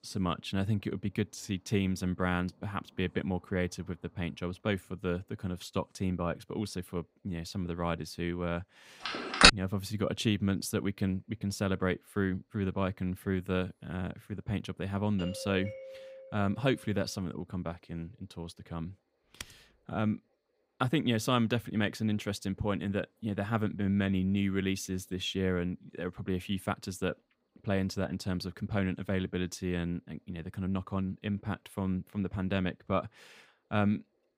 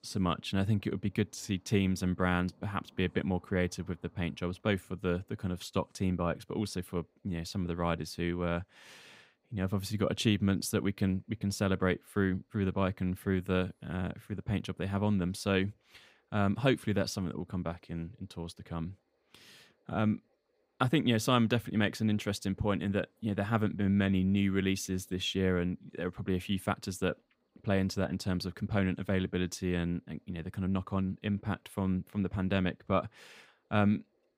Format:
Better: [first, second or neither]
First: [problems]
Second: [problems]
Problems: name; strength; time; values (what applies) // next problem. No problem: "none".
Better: second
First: phone ringing; loud; at 9 s; peak 15 dB above the speech // doorbell; noticeable; from 15 to 17 s; peak 8 dB below the speech // keyboard typing; faint; at 19 s; peak 15 dB below the speech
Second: none